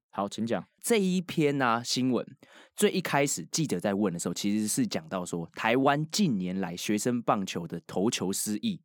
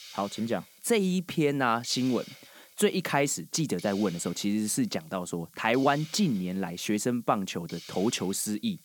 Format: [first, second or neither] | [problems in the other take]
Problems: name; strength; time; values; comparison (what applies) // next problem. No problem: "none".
first | hiss; noticeable; throughout; 20 dB below the speech